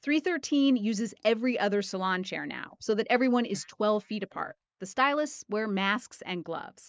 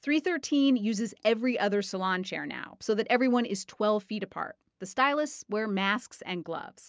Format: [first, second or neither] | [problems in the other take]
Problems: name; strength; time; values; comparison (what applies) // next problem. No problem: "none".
second | noise reduction (neural mask model Resemble Enhance denoiser)